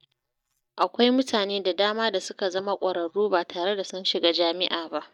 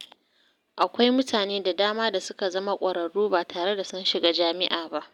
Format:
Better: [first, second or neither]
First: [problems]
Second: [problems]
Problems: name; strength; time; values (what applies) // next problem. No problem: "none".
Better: second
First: noise reduction (neural mask model DeepFilterNet 3)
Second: none